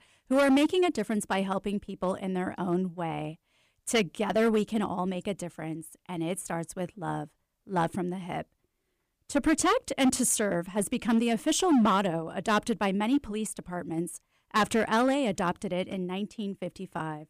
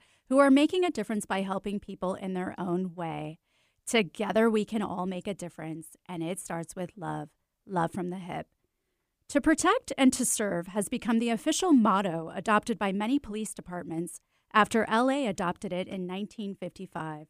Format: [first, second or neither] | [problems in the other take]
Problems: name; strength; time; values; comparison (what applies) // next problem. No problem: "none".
second | distortion; slight; 4% of the sound clipped